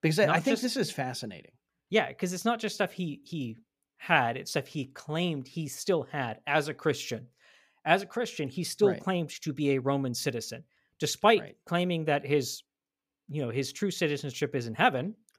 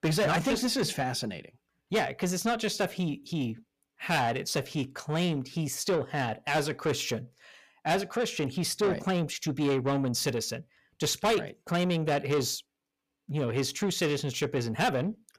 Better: first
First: none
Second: distortion; heavy; 7 dB below the speech

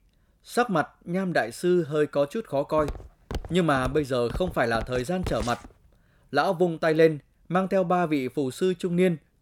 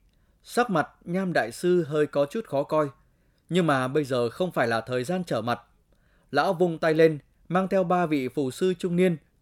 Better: second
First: footsteps; noticeable; from 3 to 5.5 s; peak 10 dB below the speech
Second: none

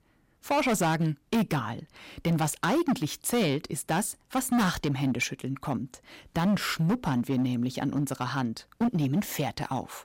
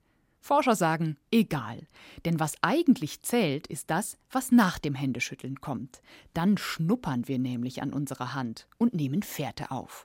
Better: second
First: distortion; heavy; 10% of the sound clipped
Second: none

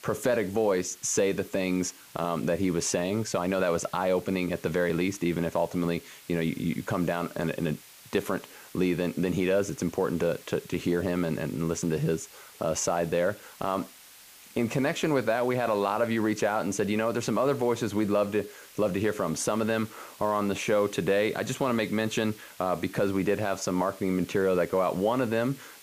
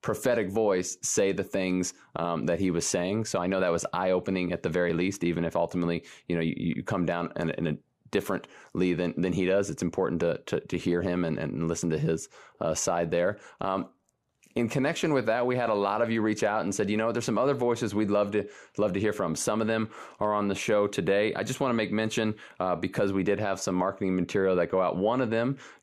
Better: second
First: hiss; faint; throughout; 20 dB below the speech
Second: none

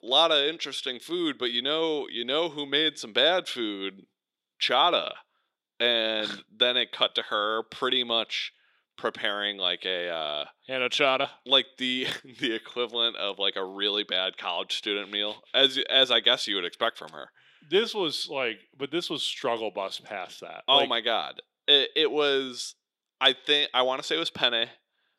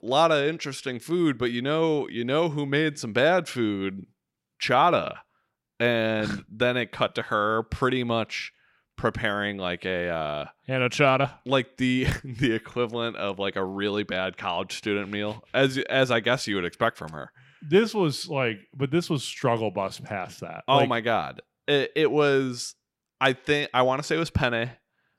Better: second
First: thin; very slightly; fading below 350 Hz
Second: none

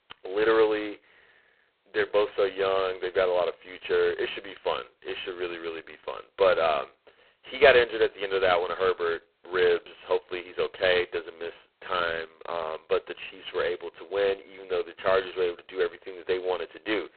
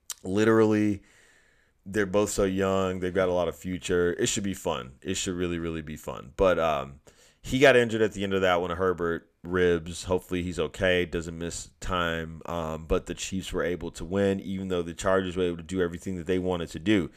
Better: second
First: phone-call audio; poor line; nothing above 4 kHz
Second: none

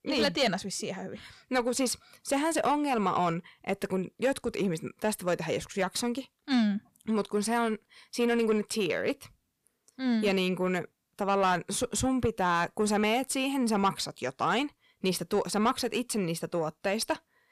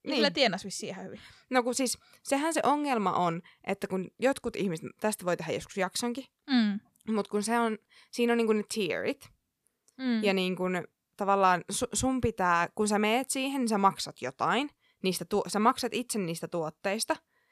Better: second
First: distortion; slight; 10 dB below the speech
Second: none

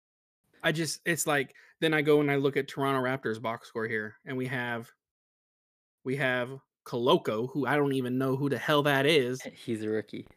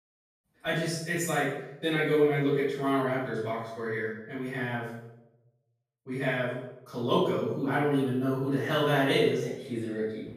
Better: first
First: none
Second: off-mic speech; far // room echo; strong; dies away in 0.7 s

